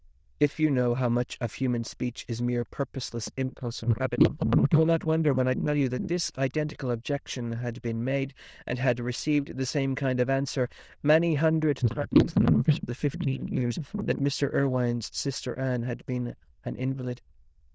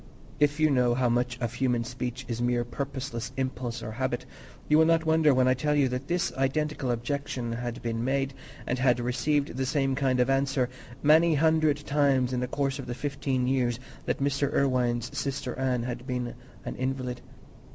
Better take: second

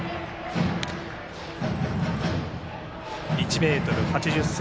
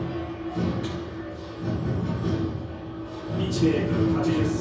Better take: first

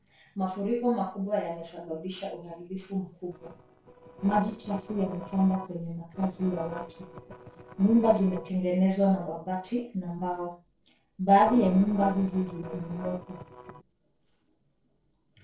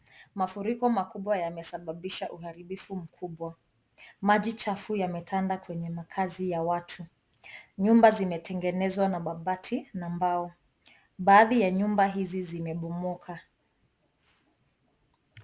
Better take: second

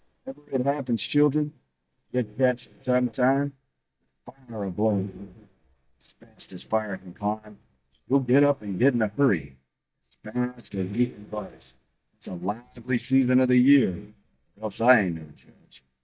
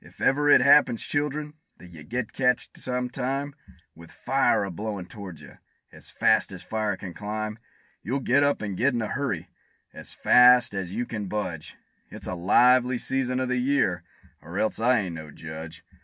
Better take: second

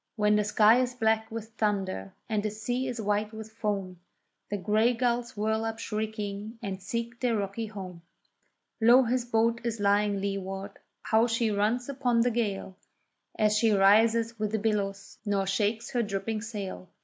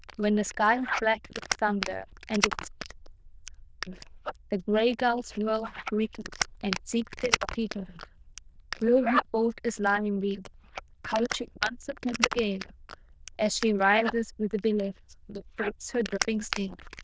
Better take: first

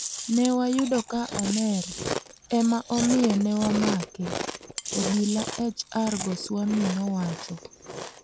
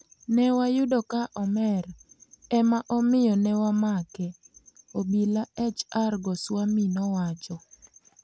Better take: second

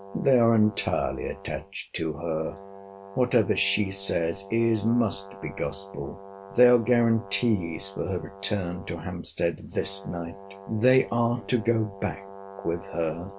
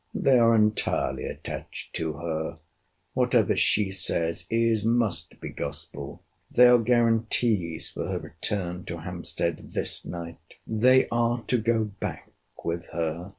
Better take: second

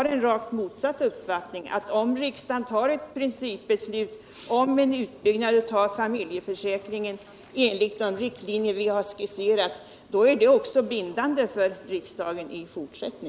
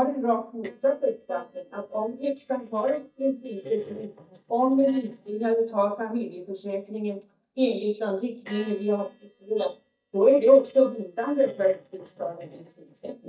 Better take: first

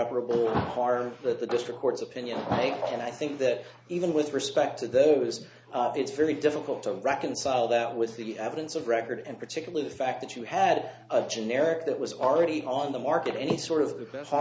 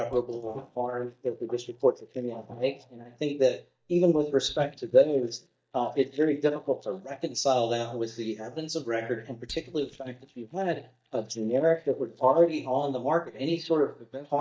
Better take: first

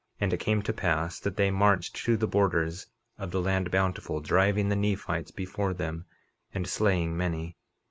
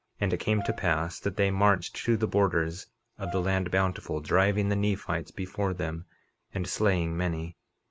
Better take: first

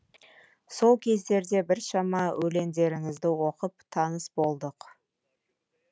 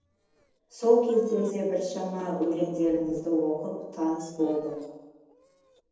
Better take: first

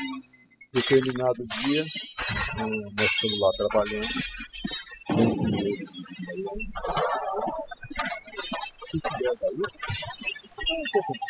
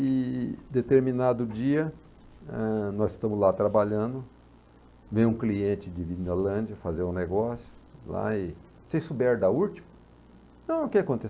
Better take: second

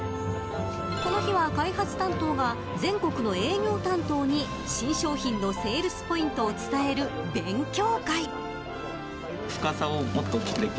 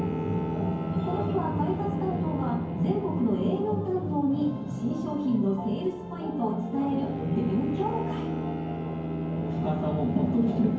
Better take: first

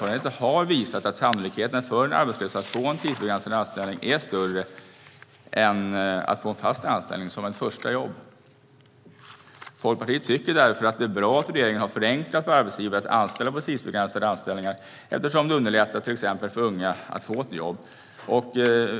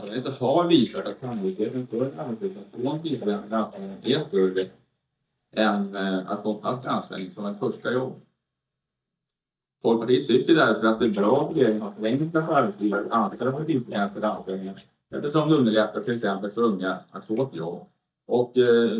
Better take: first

